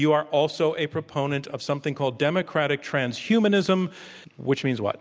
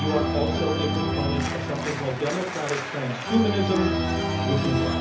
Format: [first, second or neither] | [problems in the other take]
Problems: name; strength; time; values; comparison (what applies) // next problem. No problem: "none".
first | background sound (Organ); 1 dB above the speech // room echo; dies away in 0.7 s